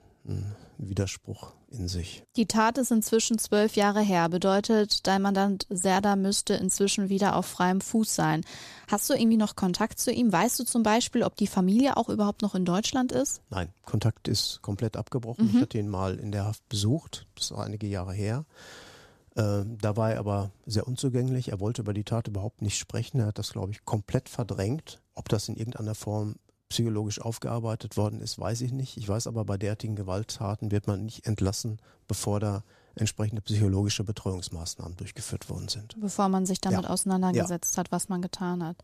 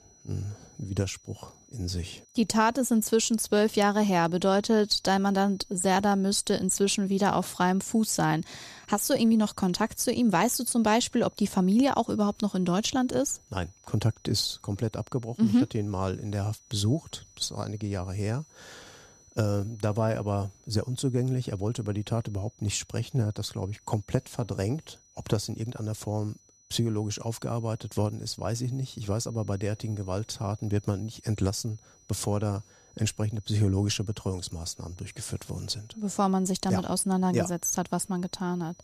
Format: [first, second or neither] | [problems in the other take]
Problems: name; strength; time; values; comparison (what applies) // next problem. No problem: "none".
first | high-pitched whine; faint; throughout; 6 kHz, 30 dB below the speech